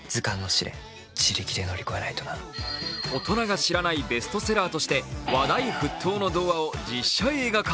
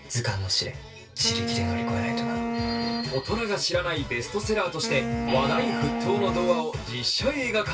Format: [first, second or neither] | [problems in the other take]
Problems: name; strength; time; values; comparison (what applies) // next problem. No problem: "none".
first | background sound (Wind instrument, woodwind instrument); 4 dB below the speech // room echo; dies away in 0.2 s